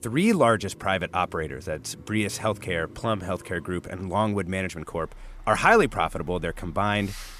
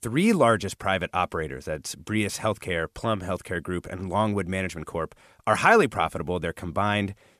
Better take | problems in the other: second | traffic noise; faint; throughout; 20 dB below the speech

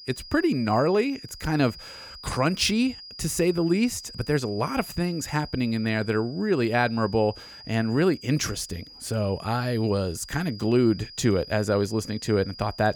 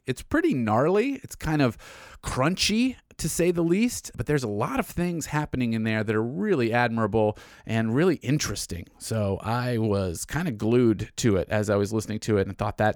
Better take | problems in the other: second | high-pitched whine; noticeable; throughout; 5 kHz, 15 dB below the speech

